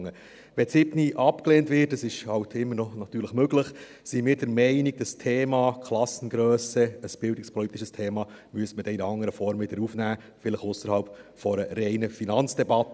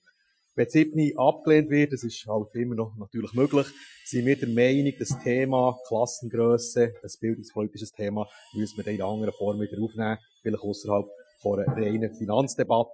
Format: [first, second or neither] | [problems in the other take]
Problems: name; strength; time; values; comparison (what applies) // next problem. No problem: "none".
first | noise reduction (classical method Wiener filter)